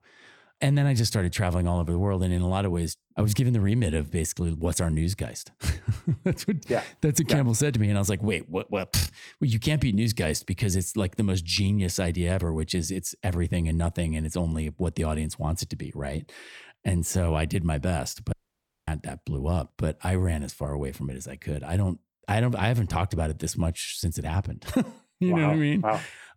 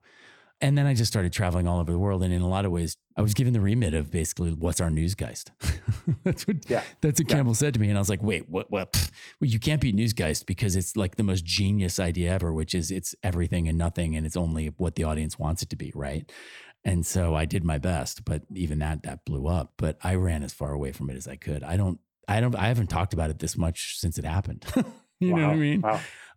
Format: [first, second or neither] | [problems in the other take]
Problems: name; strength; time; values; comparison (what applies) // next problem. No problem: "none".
second | audio cutting out; at 18 s for 0.5 s